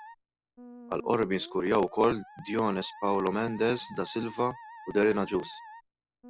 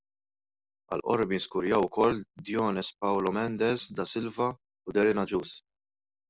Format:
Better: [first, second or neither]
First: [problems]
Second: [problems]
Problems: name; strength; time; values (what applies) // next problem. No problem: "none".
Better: second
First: background sound (Musical instrument); 18 dB below the speech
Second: none